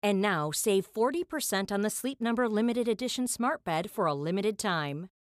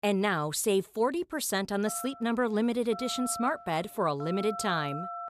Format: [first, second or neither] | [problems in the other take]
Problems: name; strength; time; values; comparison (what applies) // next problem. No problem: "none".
first | phone ringing; noticeable; from 2 s on; peak 8 dB below the speech